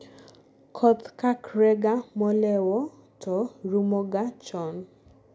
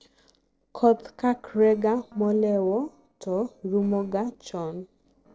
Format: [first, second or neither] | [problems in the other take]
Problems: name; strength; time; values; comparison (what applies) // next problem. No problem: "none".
first | noise reduction (neural separator model SepFormer DNS4)